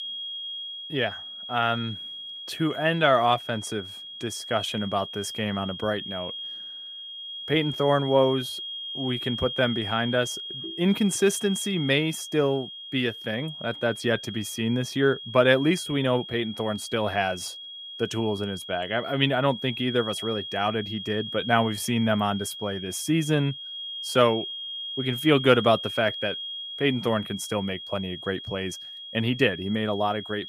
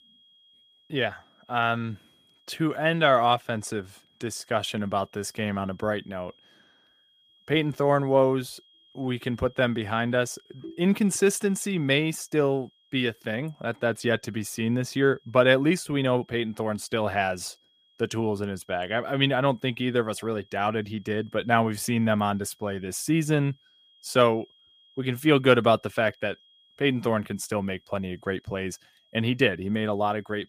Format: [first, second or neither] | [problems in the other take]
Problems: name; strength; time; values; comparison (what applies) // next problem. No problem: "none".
second | high-pitched whine; loud; throughout; 3.5 kHz, 9 dB below the speech; faint in the second